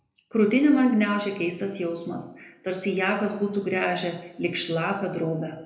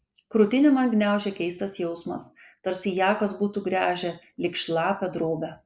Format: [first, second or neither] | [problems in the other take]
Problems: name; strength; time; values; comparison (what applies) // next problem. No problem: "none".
second | room echo; dies away in 0.7 s